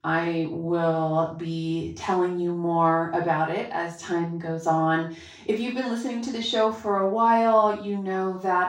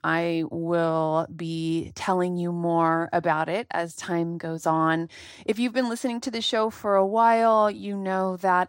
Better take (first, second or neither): second